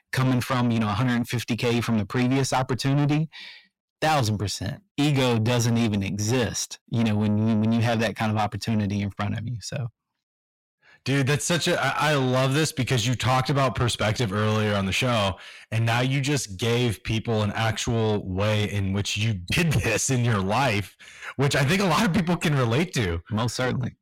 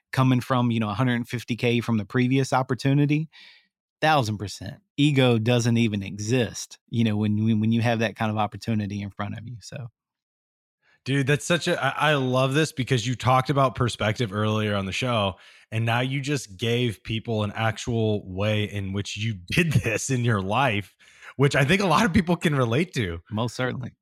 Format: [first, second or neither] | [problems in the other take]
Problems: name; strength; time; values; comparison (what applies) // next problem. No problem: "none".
second | distortion; heavy; 7 dB below the speech